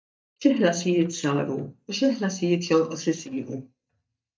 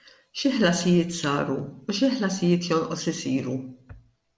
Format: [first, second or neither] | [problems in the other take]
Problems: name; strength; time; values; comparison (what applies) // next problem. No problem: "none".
second | noise reduction (neural mask model DeepFilterNet 3)